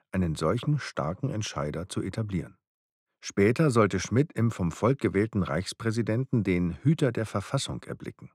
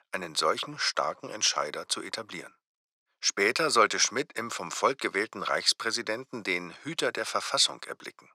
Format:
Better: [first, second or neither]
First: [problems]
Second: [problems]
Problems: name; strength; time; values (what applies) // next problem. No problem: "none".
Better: first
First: none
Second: thin; very; fading below 700 Hz